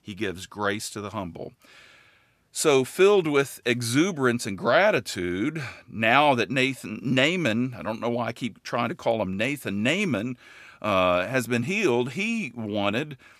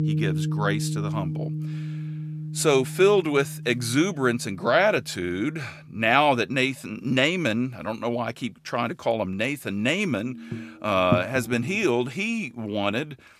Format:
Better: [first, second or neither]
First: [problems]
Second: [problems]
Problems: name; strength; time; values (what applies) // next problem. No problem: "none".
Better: first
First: none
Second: background music; loud; throughout; 7 dB below the speech